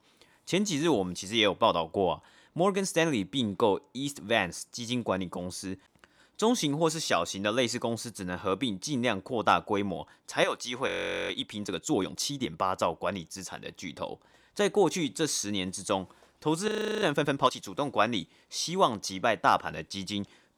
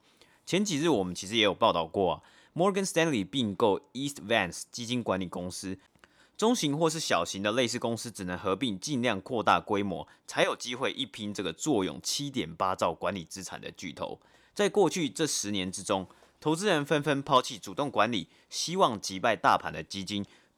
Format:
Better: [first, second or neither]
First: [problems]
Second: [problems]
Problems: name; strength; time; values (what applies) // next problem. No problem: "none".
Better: second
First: audio freezing; at 11 s and at 17 s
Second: none